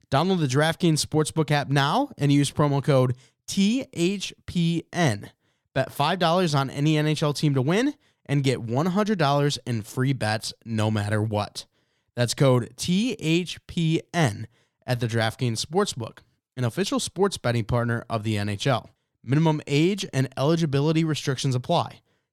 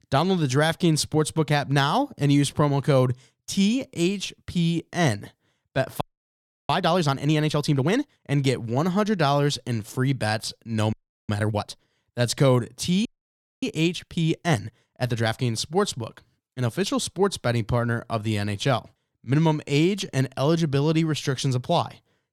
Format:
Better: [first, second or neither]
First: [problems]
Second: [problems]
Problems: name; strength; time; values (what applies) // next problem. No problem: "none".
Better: first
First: none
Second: audio freezing; at 6 s for 0.5 s, at 11 s and at 13 s for 0.5 s